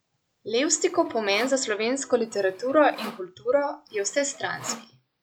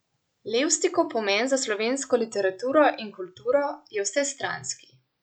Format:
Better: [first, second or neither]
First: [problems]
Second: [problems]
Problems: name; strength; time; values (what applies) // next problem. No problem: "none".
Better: second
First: background sound (Electric guitar + Sawing); 18 dB below the speech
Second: none